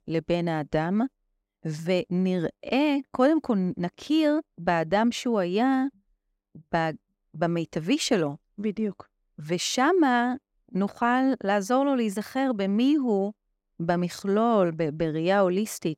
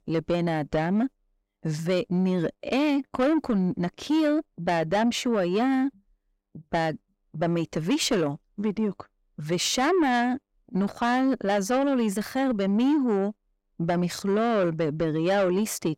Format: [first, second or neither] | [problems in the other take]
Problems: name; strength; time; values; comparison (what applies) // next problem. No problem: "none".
first | distortion; slight; 10 dB below the speech